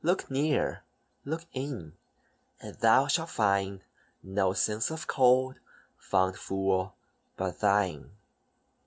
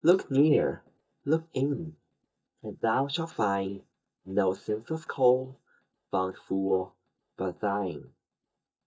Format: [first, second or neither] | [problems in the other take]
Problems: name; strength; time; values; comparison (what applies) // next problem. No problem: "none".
first | noise reduction (neural mask model DeepFilterNet 3)